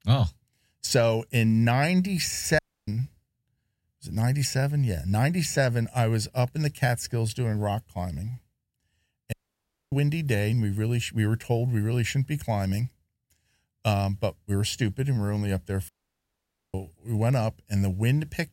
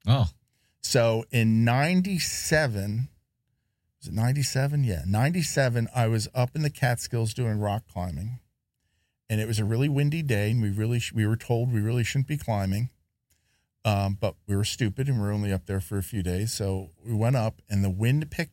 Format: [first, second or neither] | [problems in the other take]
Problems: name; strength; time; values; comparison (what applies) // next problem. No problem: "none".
second | audio cutting out; at 2.5 s, at 9.5 s for 0.5 s and at 16 s for 1 s